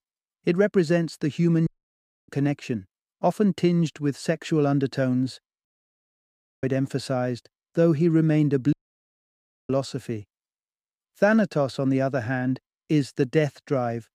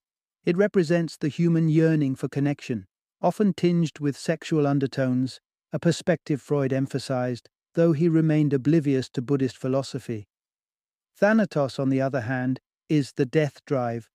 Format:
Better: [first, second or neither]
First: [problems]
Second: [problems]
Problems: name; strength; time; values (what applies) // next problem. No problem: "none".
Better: second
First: audio cutting out; at 1.5 s for 0.5 s, at 5.5 s for 1 s and at 8.5 s for 1 s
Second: none